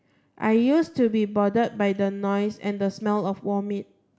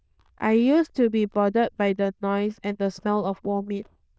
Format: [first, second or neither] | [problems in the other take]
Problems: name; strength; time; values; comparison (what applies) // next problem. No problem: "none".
first | noise reduction (neural diffusion model UNIVERSE++)